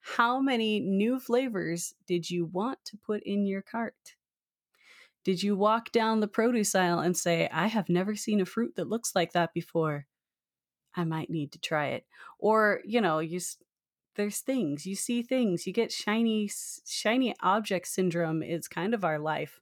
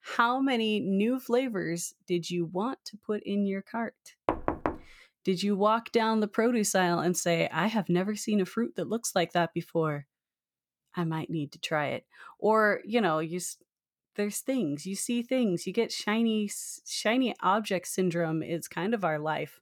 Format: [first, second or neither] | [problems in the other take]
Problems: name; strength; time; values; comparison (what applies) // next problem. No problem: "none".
first | door banging; noticeable; at 4.5 s; peak 2 dB below the speech